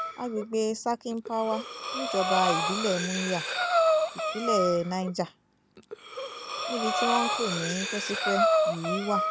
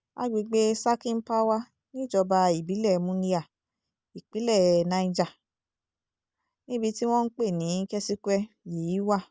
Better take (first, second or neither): second